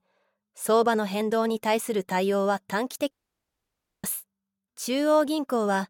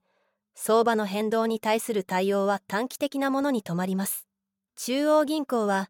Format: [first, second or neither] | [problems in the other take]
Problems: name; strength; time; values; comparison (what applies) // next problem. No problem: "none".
second | audio cutting out; at 3 s for 1 s